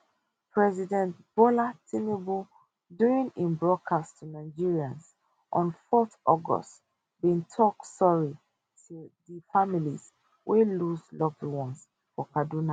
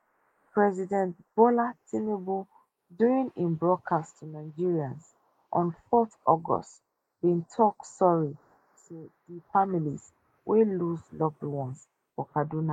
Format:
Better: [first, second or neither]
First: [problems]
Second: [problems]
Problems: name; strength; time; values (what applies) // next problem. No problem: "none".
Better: first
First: none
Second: noise reduction (neural mask model Resemble Enhance denoiser)